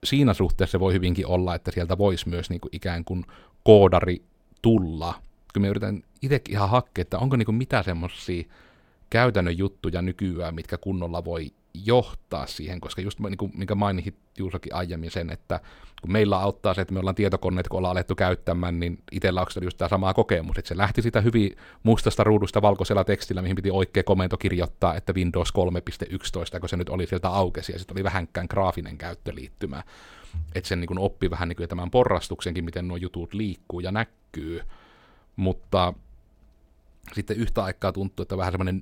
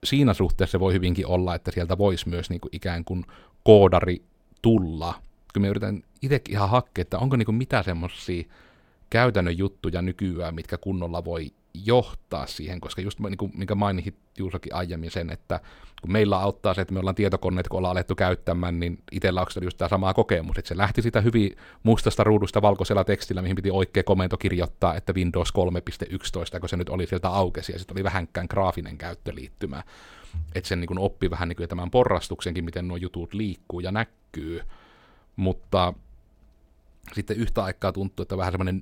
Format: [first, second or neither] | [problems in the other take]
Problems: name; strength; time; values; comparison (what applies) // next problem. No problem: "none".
neither | none